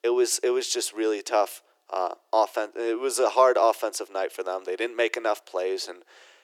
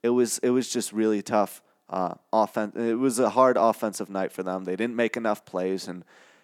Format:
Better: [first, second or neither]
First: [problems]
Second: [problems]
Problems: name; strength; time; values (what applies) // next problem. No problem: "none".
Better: second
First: thin; very; fading below 350 Hz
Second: none